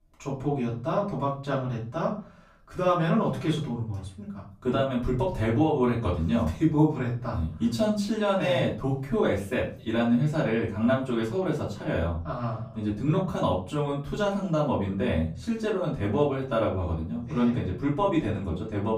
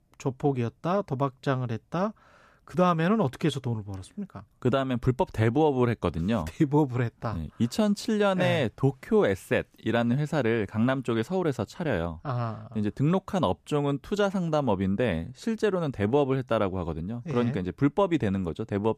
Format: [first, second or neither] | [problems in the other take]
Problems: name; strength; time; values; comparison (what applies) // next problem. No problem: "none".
second | off-mic speech; far // room echo; slight; dies away in 0.4 s